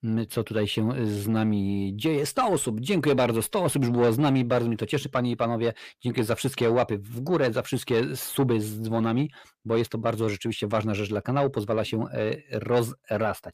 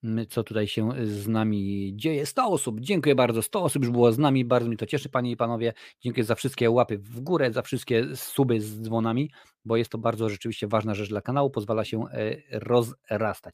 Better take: second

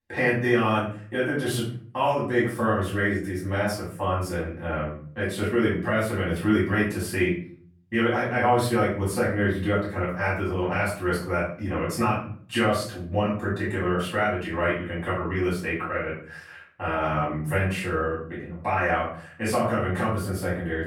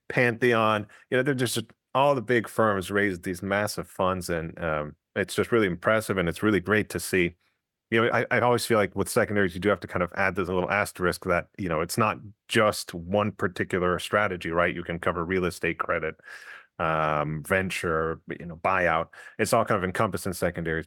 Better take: second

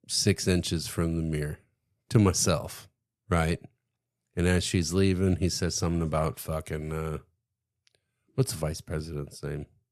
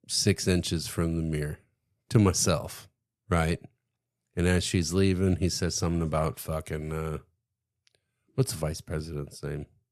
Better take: neither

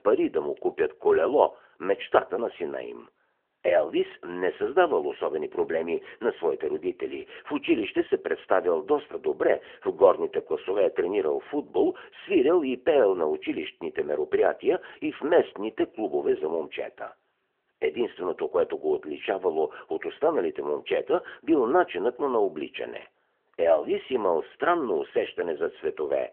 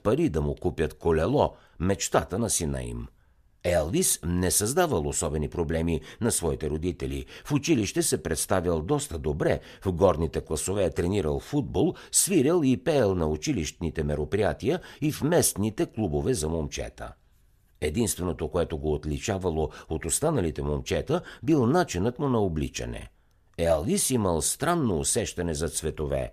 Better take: second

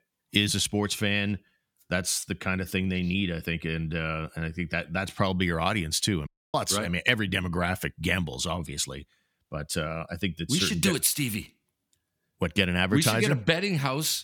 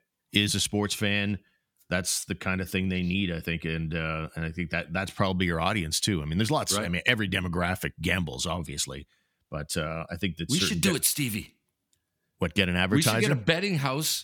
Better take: second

